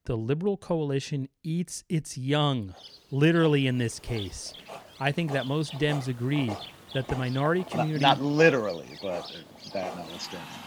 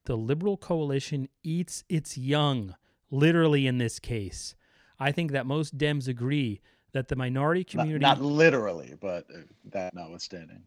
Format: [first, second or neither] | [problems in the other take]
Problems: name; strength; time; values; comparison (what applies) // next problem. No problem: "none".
second | animal sounds; noticeable; from 3 s on; 15 dB below the speech